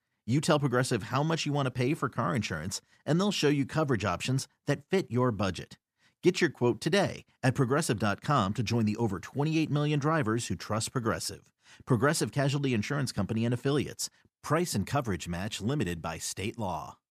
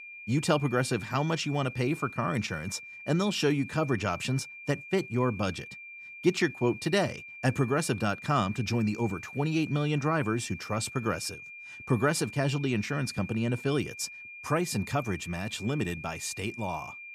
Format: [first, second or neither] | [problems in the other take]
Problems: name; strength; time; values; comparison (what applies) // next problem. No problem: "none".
first | high-pitched whine; noticeable; throughout; 2.5 kHz, 15 dB below the speech